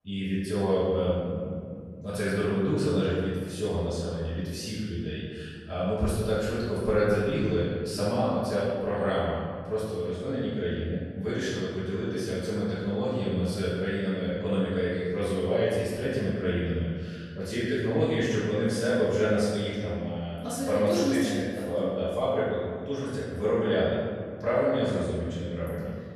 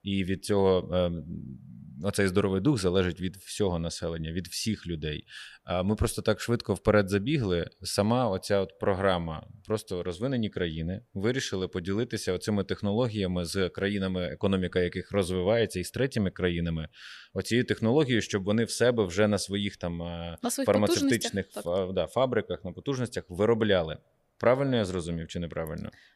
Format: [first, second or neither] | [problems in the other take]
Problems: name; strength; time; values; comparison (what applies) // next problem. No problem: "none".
second | off-mic speech; far // room echo; strong; dies away in 1.9 s